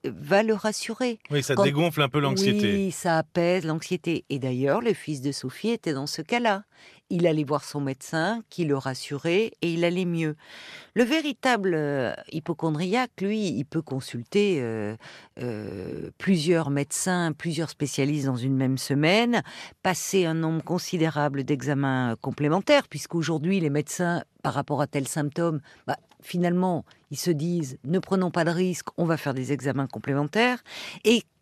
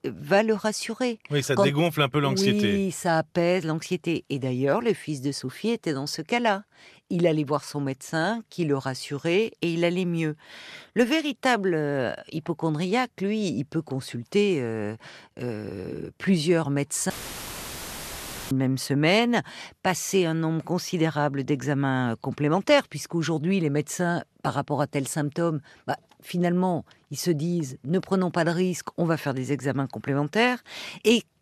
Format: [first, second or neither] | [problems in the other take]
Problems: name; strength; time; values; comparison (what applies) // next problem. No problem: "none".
first | audio cutting out; filled with static; at 17 s for 1.5 s